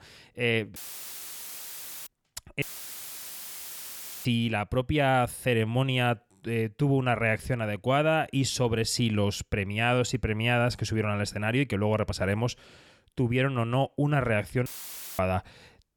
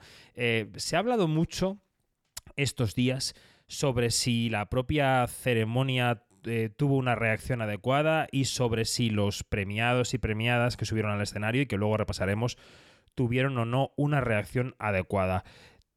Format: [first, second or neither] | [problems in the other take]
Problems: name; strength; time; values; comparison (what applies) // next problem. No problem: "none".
second | audio cutting out; filled with static; at 1 s for 1.5 s, at 2.5 s for 1.5 s and at 15 s for 0.5 s